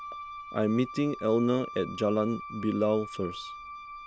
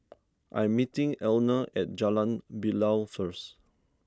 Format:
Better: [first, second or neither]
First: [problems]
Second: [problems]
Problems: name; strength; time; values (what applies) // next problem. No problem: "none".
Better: second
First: background sound (Wind instrument, woodwind instrument); 12 dB below the speech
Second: none